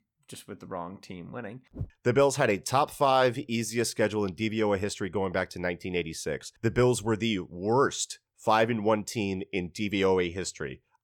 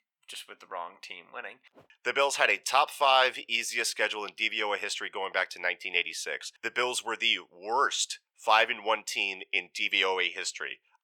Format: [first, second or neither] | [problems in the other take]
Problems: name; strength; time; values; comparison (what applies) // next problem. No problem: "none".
first | thin; very; fading below 750 Hz